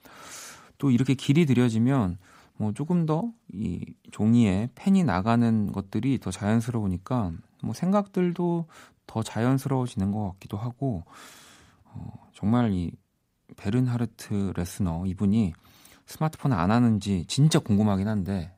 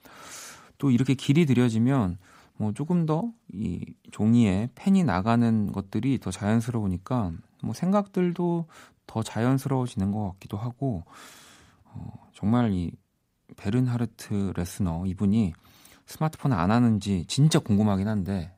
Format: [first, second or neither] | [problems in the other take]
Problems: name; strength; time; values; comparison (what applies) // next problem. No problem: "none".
neither | none